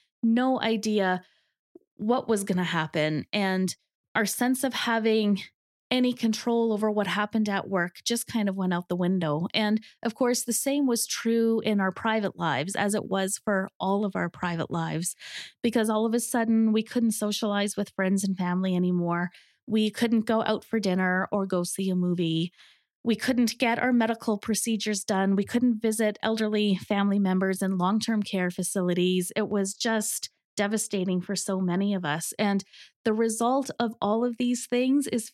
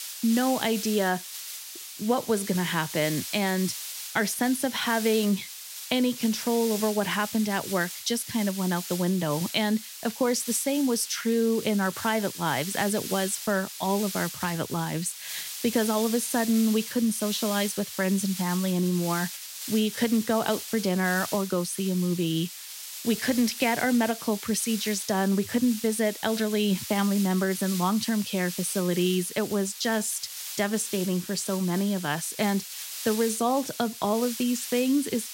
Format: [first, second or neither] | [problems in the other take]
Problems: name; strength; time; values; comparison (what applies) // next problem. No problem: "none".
first | hiss; loud; throughout; 8 dB below the speech